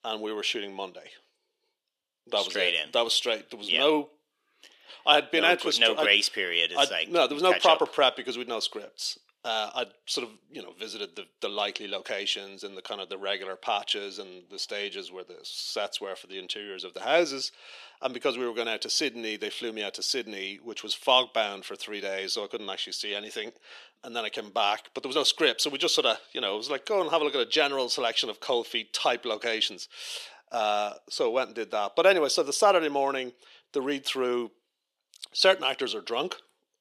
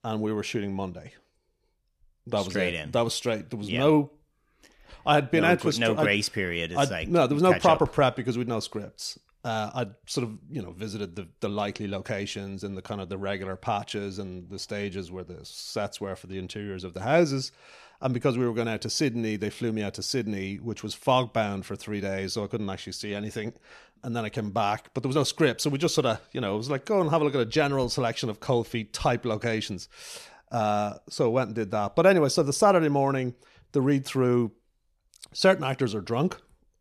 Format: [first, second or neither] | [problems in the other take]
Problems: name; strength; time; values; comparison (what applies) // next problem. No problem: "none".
second | thin; somewhat; fading below 350 Hz